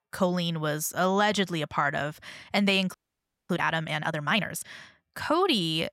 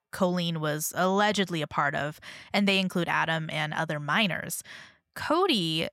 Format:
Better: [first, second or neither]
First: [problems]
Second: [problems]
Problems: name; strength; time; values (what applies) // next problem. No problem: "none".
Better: second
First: audio freezing; at 3 s for 0.5 s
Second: none